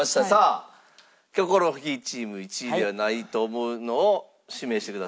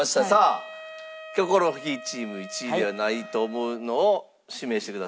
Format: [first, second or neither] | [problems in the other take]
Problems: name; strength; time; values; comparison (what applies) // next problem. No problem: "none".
first | background sound (Wind instrument, woodwind instrument); 17 dB below the speech